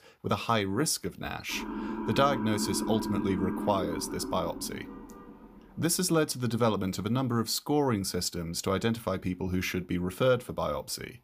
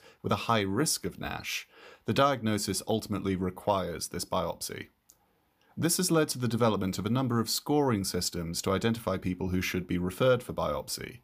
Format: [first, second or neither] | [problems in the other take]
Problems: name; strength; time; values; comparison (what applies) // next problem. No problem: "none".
second | siren; noticeable; from 1.5 to 5.5 s; peak 3 dB below the speech